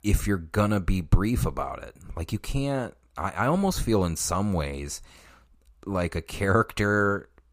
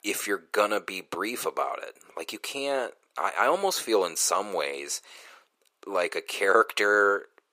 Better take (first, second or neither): first